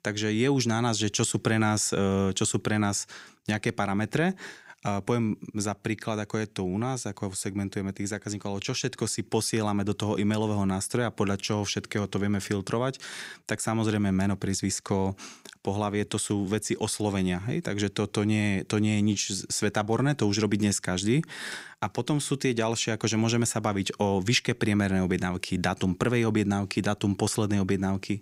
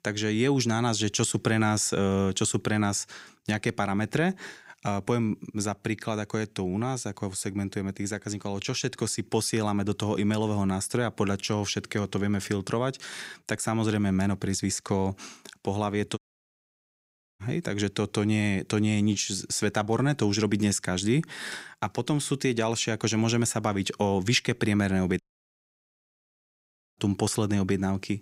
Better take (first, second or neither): first